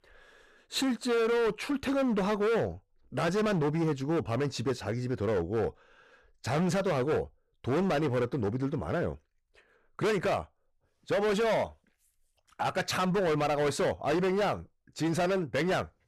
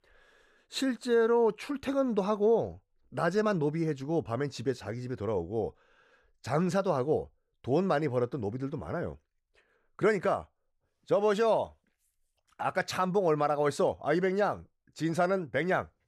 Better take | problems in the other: second | distortion; heavy; 19% of the sound clipped

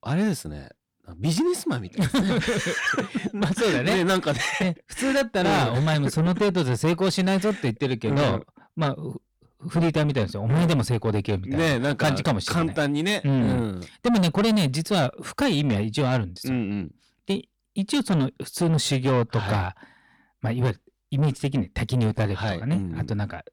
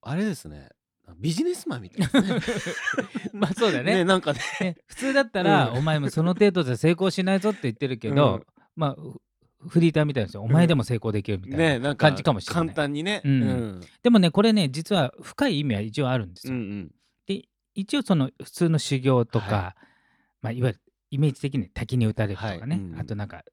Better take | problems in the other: second | distortion; heavy; 7 dB below the speech

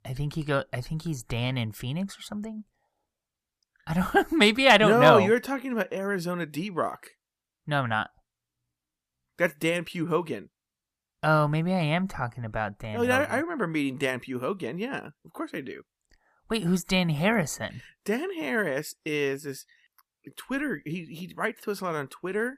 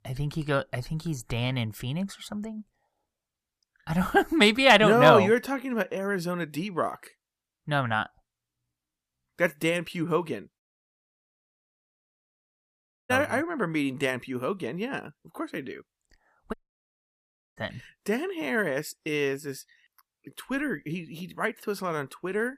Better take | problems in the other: first | audio cutting out; at 11 s for 2.5 s and at 17 s for 1 s

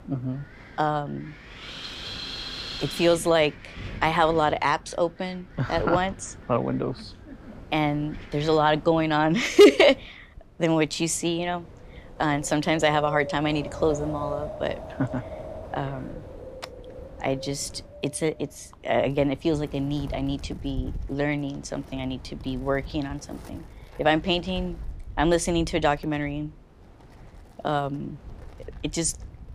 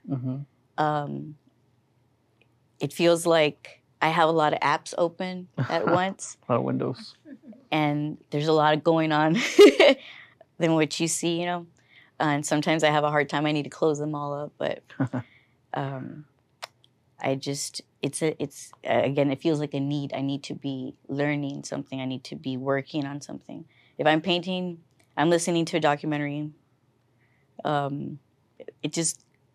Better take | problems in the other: second | wind in the background; noticeable; throughout; 15 dB below the speech

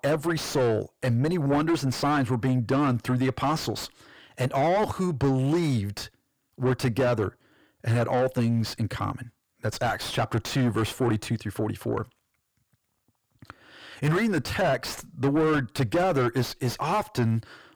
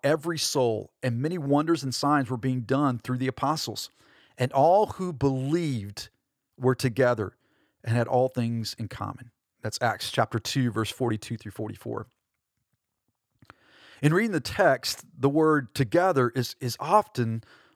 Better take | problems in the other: second | distortion; heavy; 5 dB below the speech

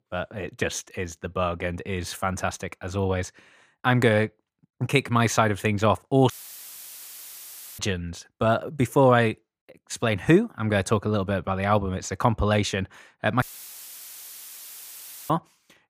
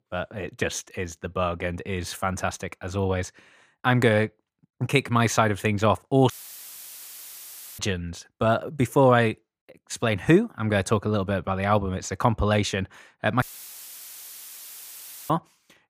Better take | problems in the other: neither | audio cutting out; filled with static; at 6.5 s for 1.5 s and at 13 s for 2 s; the same in both

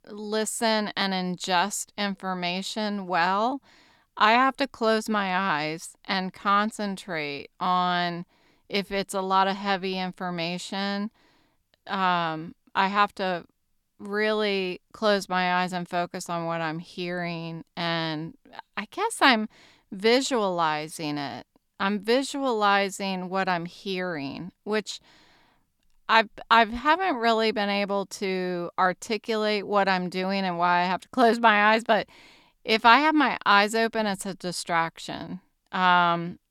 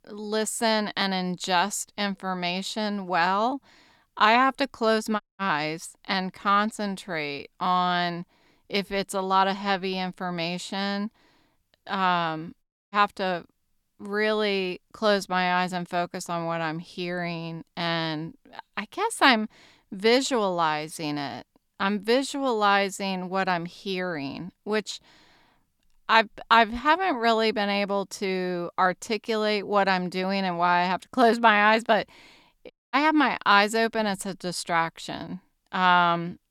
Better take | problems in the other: first | audio cutting out; at 5 s, at 13 s and at 33 s

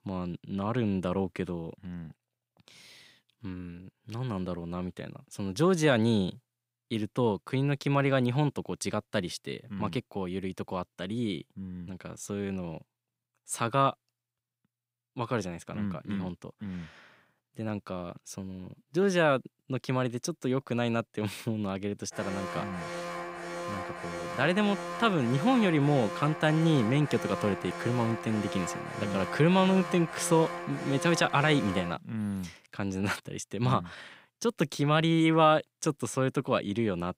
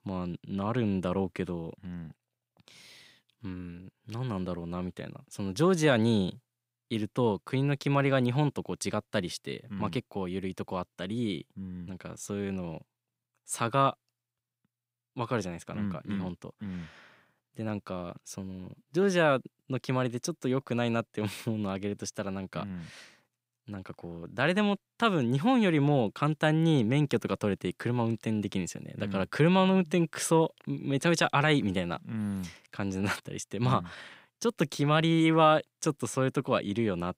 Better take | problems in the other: second | alarm; noticeable; from 22 to 32 s; peak 7 dB below the speech

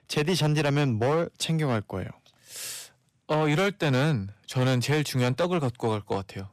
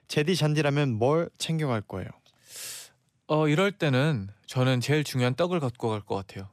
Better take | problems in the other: second | distortion; slight; 9% of the sound clipped

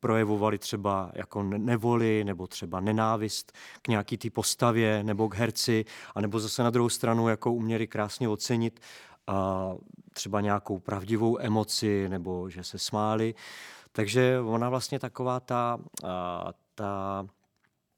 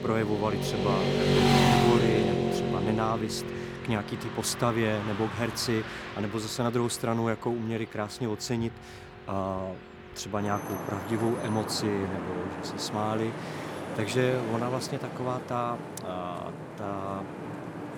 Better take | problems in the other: first | traffic noise; loud; throughout; as loud as the speech

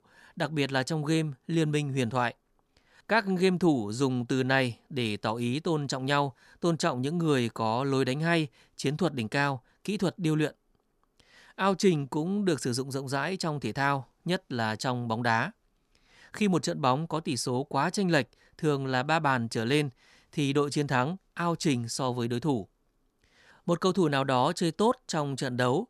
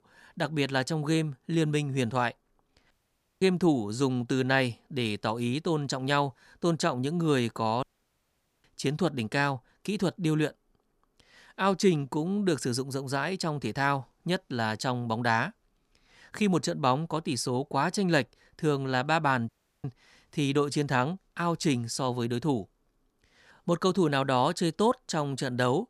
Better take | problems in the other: first | audio cutting out; at 3 s for 0.5 s, at 8 s for 1 s and at 19 s

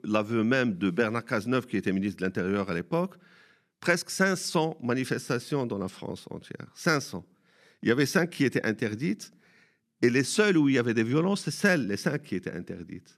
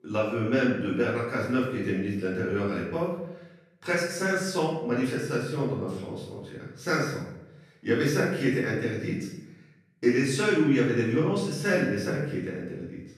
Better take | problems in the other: first | off-mic speech; far // room echo; noticeable; dies away in 0.7 s

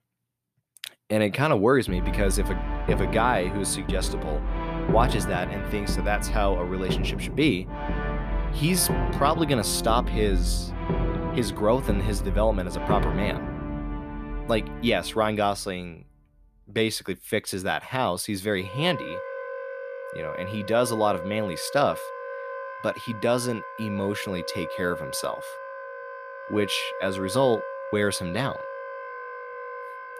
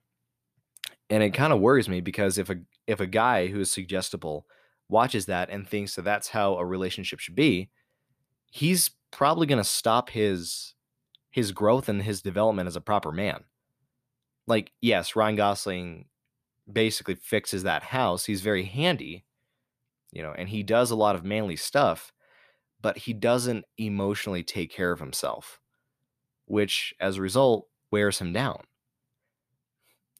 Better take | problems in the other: second | background music; loud; throughout; 6 dB below the speech

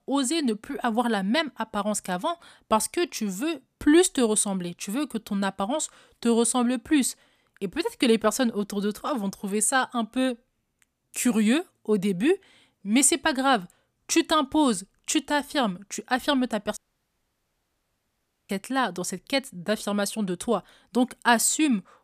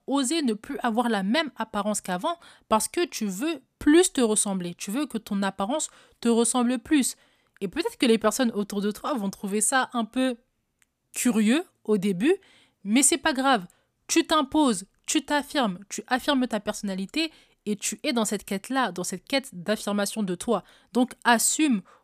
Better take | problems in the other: second | audio cutting out; at 17 s for 1.5 s

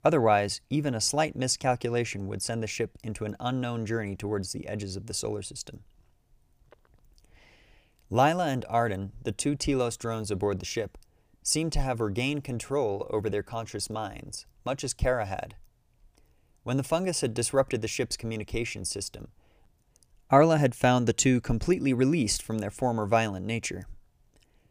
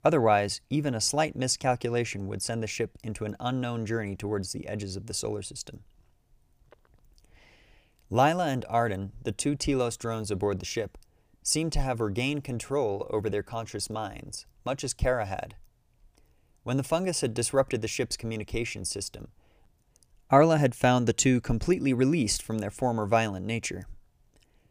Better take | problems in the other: neither | none

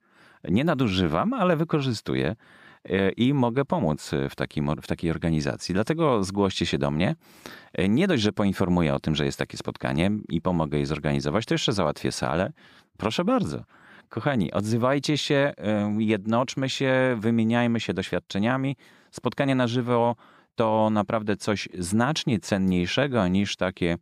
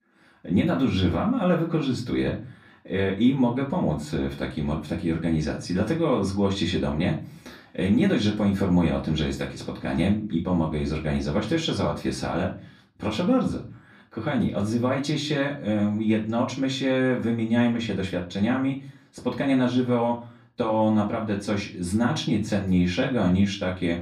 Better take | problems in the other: first | off-mic speech; far // room echo; very slight; dies away in 0.3 s

